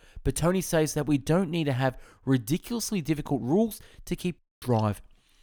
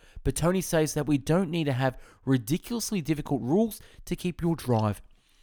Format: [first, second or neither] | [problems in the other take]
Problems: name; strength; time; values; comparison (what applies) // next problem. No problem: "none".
second | audio cutting out; at 4.5 s